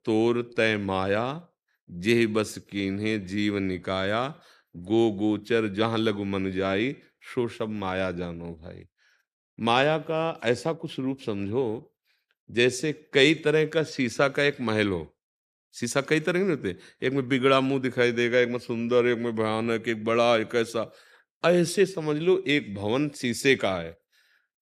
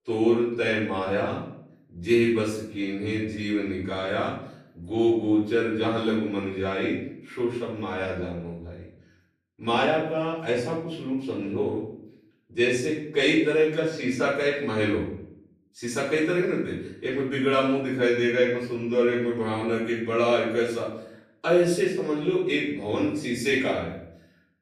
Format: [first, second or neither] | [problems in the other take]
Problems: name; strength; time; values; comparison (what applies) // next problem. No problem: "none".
first | off-mic speech; far // room echo; noticeable; dies away in 0.6 s